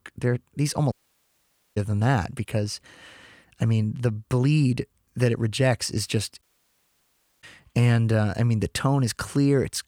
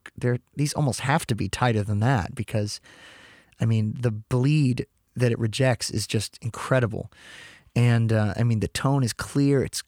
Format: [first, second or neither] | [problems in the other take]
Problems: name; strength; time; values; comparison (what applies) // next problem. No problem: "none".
second | audio cutting out; at 1 s for 1 s and at 6.5 s for 1 s